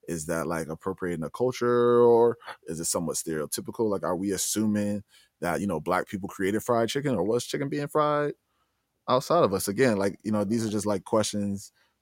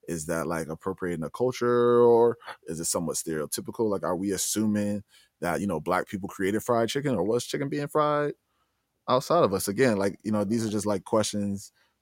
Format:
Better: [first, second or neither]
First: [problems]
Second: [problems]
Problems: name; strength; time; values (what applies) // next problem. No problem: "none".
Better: neither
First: none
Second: none